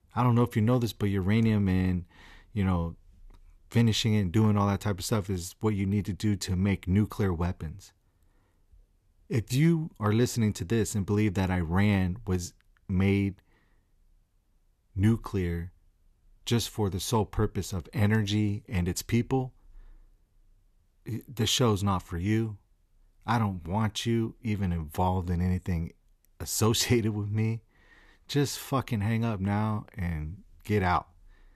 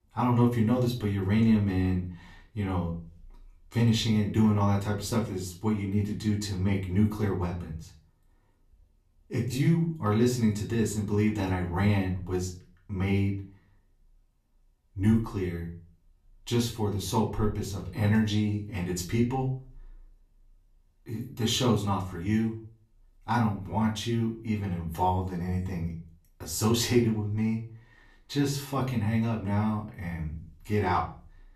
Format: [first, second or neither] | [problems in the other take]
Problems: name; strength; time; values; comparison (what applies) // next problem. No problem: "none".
first | room echo; slight; dies away in 0.3 s // off-mic speech; far